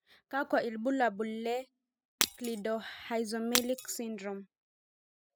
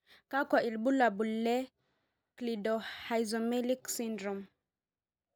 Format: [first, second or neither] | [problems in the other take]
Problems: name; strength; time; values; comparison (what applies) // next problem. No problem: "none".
second | noise reduction (classical method spectral subtraction)